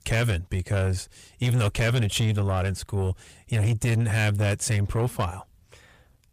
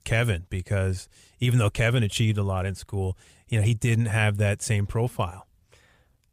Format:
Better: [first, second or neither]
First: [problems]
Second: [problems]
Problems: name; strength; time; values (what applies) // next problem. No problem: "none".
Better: second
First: distortion; slight; 10 dB below the speech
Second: none